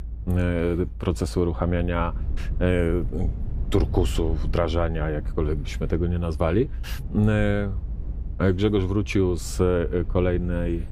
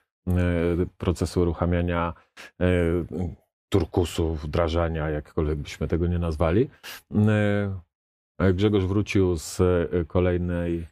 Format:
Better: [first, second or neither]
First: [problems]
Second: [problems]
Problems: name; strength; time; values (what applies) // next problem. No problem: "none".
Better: second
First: low rumble; faint; throughout; 20 dB below the speech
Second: none